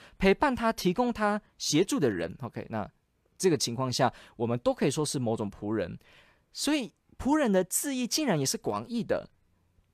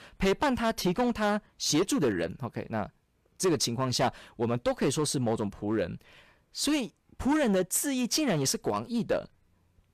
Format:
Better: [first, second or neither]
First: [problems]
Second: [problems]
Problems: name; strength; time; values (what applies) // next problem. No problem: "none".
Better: first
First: none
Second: distortion; slight; 7% of the sound clipped